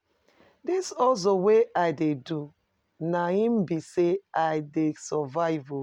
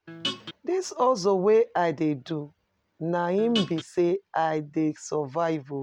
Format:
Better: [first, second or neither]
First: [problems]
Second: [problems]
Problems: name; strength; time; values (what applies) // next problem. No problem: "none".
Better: first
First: none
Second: background sound (Guitar); 7 dB below the speech